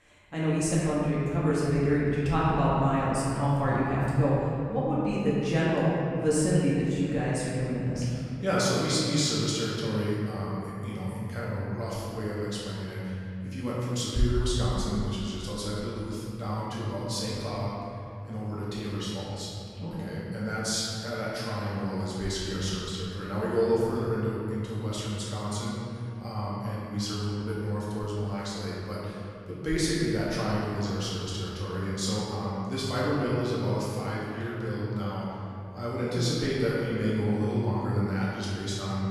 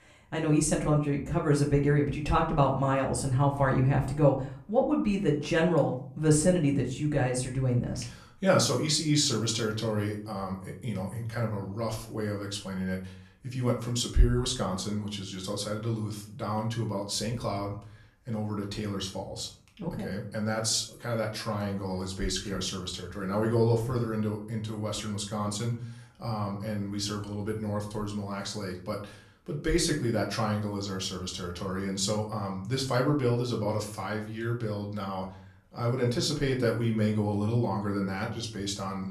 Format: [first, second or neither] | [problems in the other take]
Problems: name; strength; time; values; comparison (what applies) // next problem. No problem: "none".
second | room echo; strong; dies away in 2.6 s; slight in the second // off-mic speech; far; far in the second